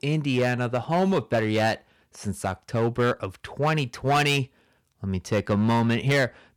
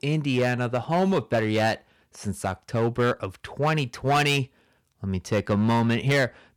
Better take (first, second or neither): neither